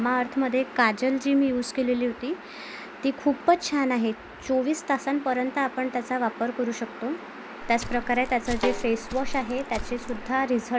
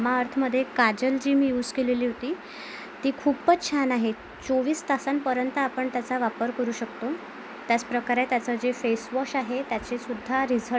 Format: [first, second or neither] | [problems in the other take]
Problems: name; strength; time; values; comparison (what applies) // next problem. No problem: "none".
second | background sound (Walk, footsteps + Snare drum); 7 dB below the speech